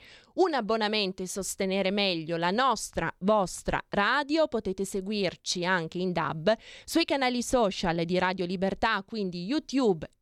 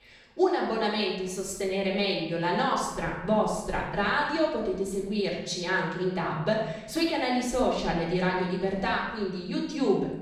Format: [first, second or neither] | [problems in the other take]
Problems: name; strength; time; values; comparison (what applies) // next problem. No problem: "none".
first | off-mic speech; far // room echo; noticeable; dies away in 0.9 s